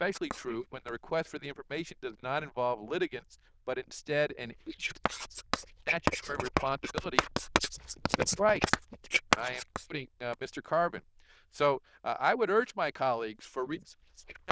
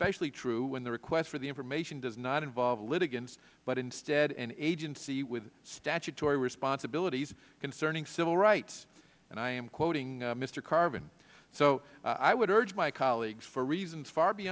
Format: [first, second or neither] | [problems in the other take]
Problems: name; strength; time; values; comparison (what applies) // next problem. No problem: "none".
second | noise reduction (neural diffusion model UNIVERSE++)